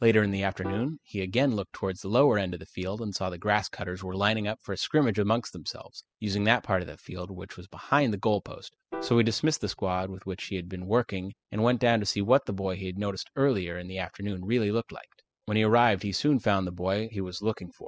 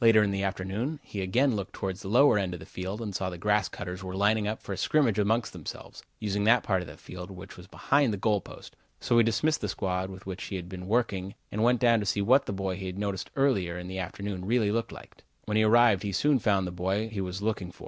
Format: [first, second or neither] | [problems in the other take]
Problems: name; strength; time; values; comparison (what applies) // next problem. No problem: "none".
second | noise reduction (classical method spectral subtraction)